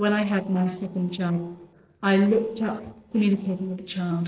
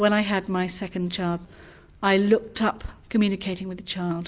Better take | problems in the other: second | noise reduction (neural separator model SepFormer DNS4)

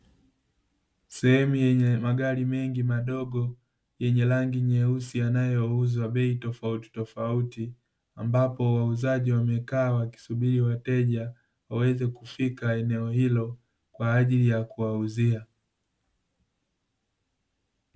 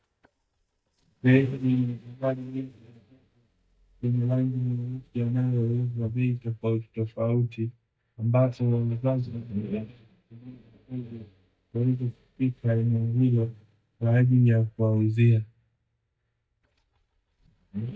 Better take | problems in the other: first | noise reduction (neural mask model DeepFilterNet 3)

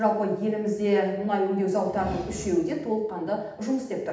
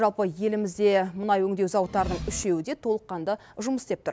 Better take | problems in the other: second | room echo; dies away in 0.8 s

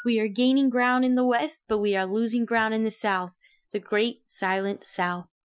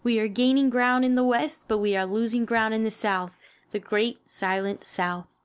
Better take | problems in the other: second | noise reduction (classical method Wiener filter)

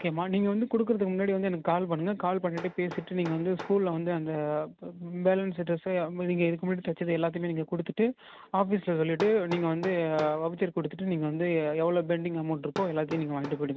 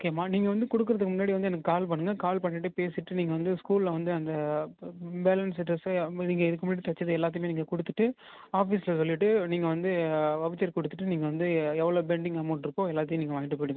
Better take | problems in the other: second | background sound (Hammer); 18 dB below the speech

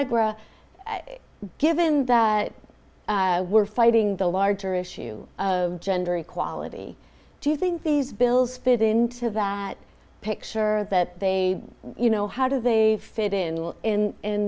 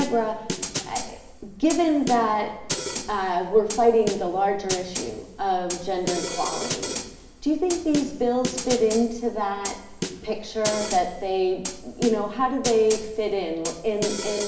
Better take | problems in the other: first | background sound (Snare drum); 9 dB below the speech // room echo; dies away in 0.8 s

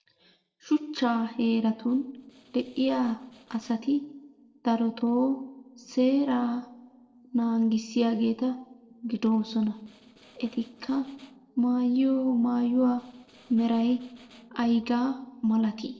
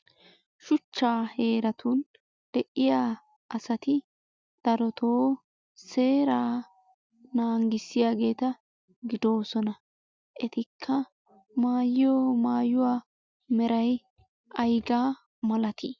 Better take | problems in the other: second | noise reduction (neural separator model SepFormer DNS4)

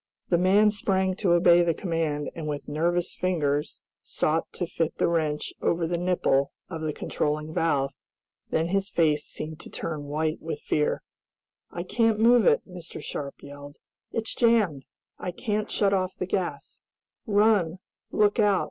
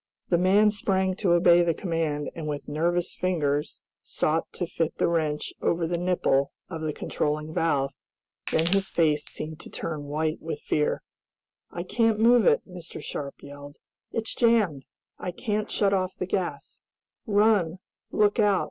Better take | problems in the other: first | background sound (Crushing); 13 dB below the speech

